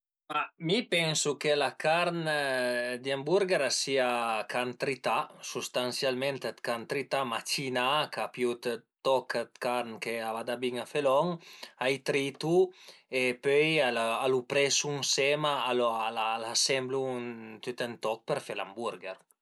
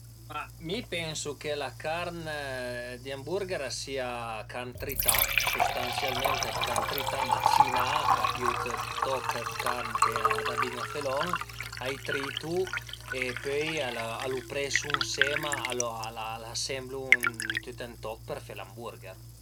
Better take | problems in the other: first | background sound (Liquid); 4 dB above the speech

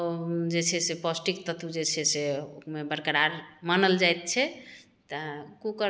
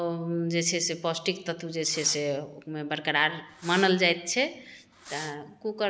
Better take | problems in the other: first | background sound (Fireworks); 19 dB below the speech

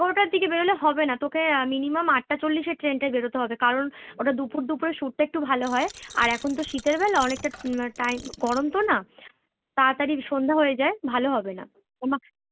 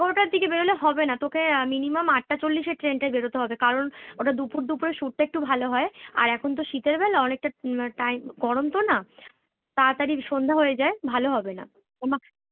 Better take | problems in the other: second | background sound (Coin (dropping)); 18 dB below the speech

